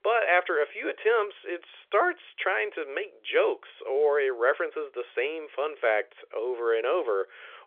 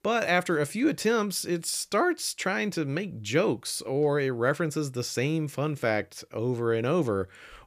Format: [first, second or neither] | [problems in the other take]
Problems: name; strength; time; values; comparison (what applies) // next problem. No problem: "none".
second | phone-call audio; nothing above 3.5 kHz